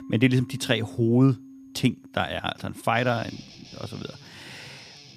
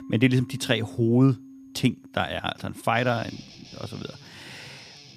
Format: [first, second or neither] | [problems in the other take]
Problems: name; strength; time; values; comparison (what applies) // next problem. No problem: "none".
neither | background music; faint; throughout; 20 dB below the speech; the same in both